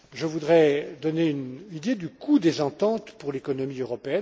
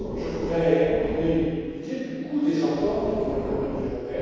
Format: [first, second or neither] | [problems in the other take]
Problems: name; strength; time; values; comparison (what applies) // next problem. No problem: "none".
first | background sound (Breathing); 8 dB below the speech // room echo; dies away in 2.2 s